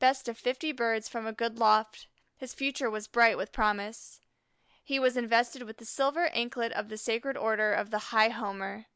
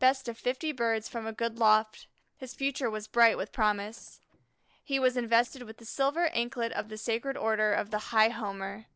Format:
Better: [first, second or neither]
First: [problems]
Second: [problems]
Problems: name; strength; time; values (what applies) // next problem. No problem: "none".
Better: first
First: none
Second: noise reduction (neural separator model SepFormer DNS4)